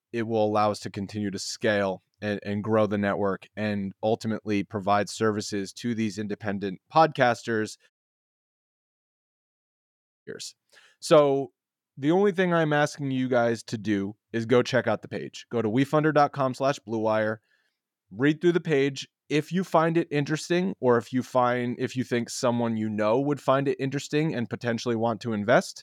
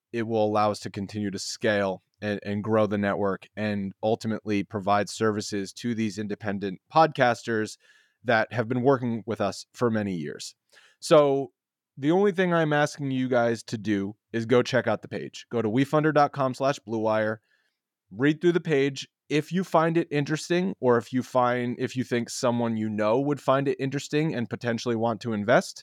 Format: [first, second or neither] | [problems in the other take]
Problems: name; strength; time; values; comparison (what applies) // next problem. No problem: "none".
second | audio cutting out; at 8 s for 2.5 s